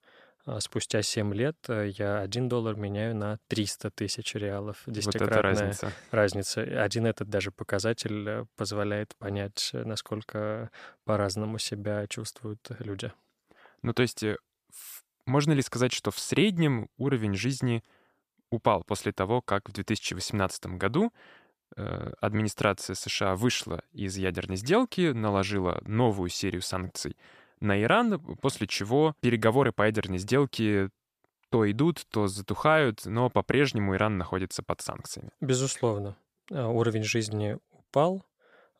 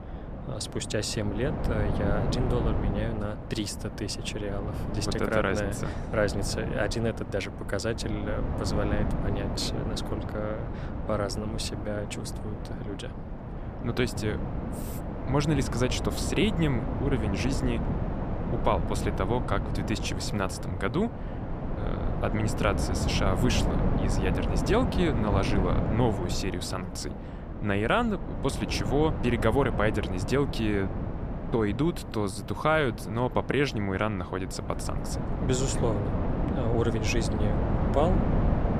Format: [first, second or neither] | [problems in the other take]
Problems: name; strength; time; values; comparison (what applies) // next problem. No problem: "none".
first | wind noise on the microphone; heavy; 6 dB below the speech